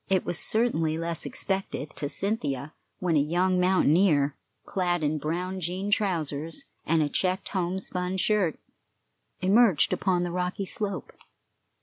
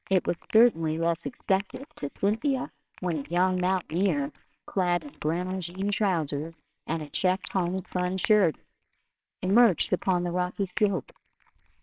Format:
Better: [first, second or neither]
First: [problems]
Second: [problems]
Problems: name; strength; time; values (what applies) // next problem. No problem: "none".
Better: first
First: none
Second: noise reduction (neural separator model SepFormer WHAMR!)